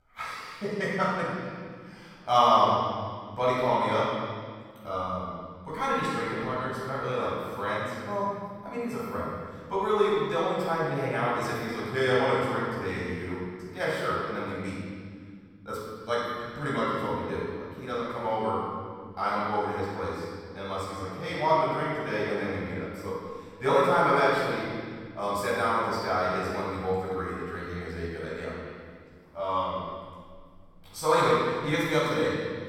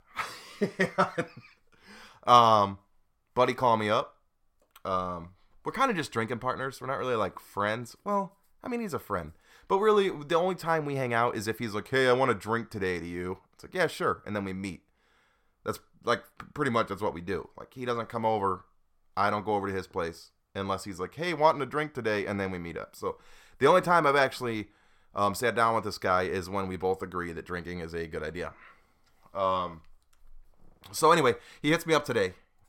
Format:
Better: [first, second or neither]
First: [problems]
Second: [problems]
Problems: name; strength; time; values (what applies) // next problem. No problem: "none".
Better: second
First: off-mic speech; far // room echo; strong; dies away in 1.9 s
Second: none